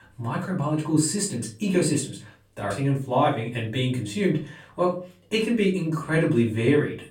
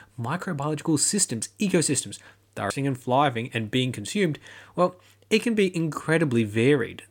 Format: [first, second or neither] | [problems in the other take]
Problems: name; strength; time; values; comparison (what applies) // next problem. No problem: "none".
second | room echo; slight; dies away in 0.3 s // off-mic speech; far